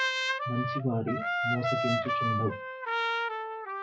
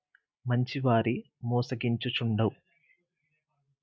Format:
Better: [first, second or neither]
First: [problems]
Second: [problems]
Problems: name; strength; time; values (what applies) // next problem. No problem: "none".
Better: second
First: noise reduction (classical method WPE with log-MMSE)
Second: none